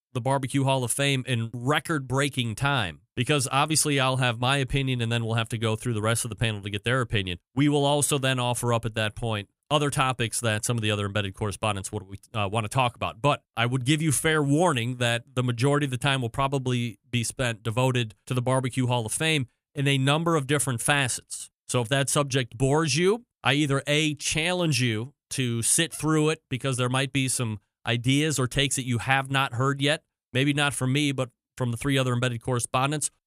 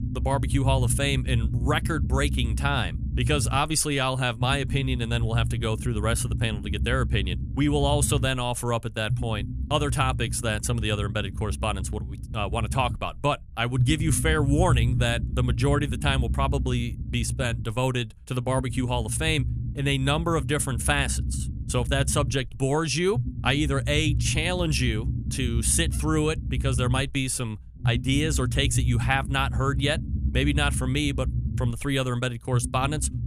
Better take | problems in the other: first | low rumble; noticeable; throughout; 15 dB below the speech

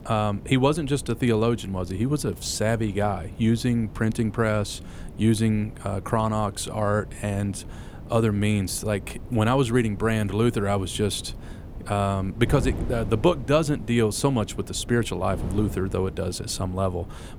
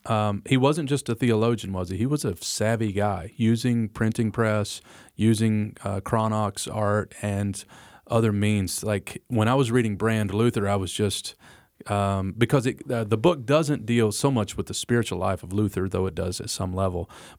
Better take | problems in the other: second | wind noise on the microphone; occasional gusts; 20 dB below the speech

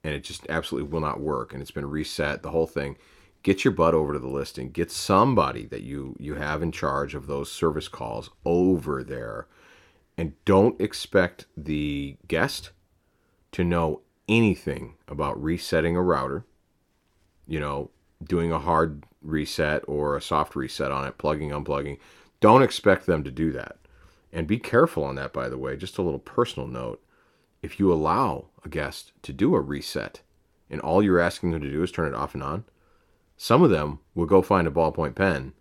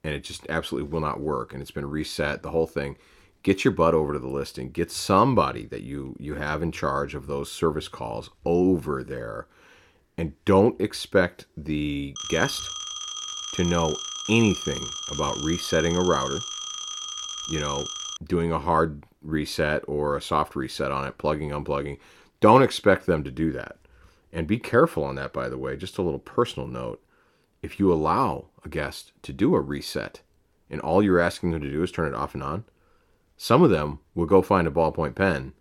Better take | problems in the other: first | phone ringing; noticeable; from 12 to 18 s; peak 6 dB below the speech

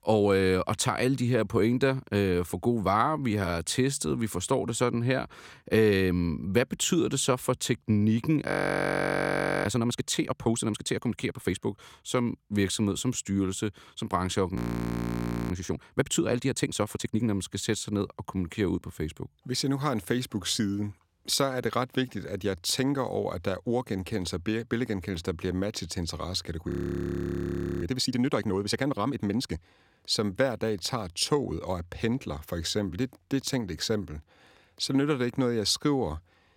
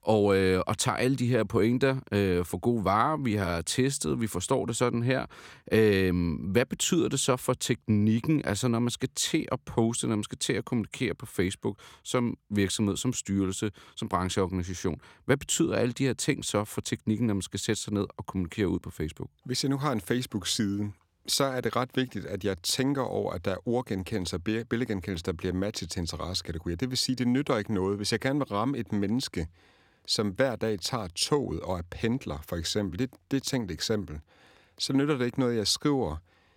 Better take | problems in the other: second | audio freezing; at 8.5 s for 1 s, at 15 s for 1 s and at 27 s for 1 s

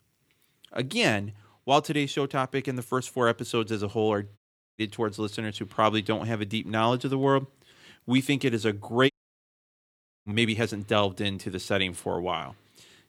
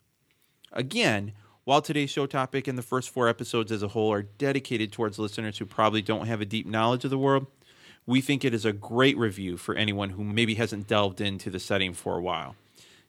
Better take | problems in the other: second | audio cutting out; at 4.5 s and at 9 s for 1 s

